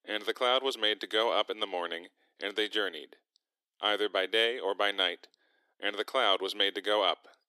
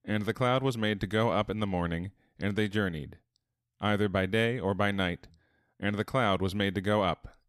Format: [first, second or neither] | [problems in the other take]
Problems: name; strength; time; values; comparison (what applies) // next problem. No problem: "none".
second | thin; very; fading below 350 Hz